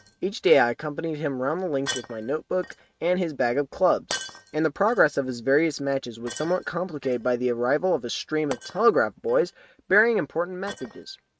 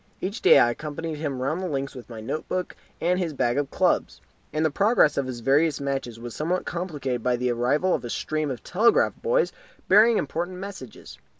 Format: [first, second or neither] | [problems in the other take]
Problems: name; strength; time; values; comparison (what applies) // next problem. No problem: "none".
second | noise reduction (neural mask model RNNoise)